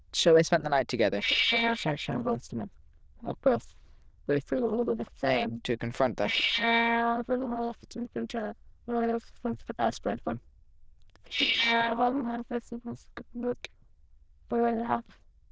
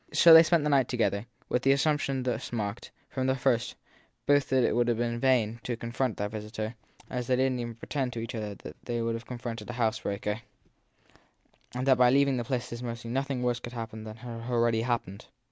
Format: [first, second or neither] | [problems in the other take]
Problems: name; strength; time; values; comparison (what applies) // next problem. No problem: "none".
second | noise reduction (neural diffusion model UNIVERSE++)